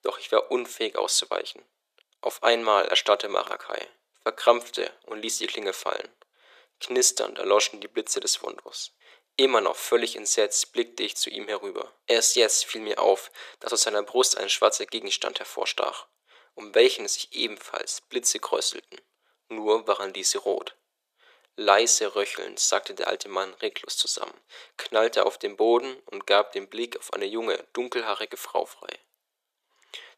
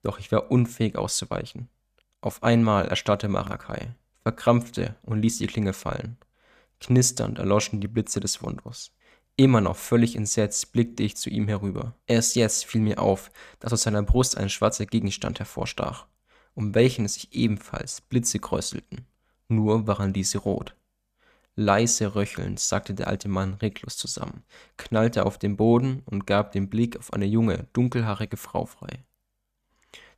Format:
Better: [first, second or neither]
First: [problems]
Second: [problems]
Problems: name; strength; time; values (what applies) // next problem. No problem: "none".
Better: second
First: thin; very; fading below 350 Hz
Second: none